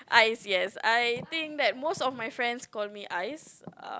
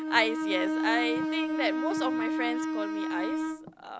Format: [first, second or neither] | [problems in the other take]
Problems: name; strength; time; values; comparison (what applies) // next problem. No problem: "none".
first | background sound (Bowed string instrument); 2 dB above the speech